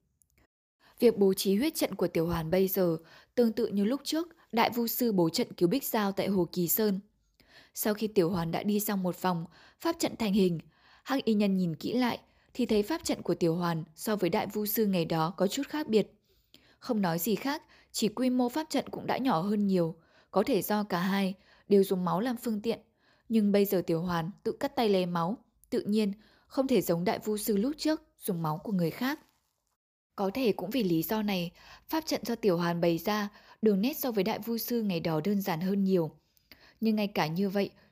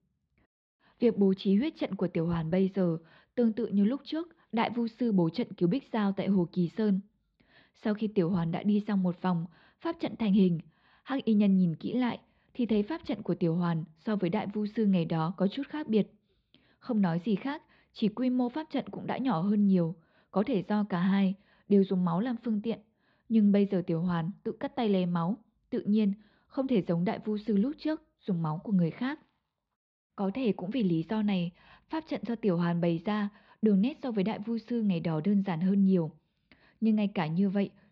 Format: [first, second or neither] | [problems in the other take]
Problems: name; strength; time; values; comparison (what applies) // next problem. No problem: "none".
first | muffled; slightly; fading above 4 kHz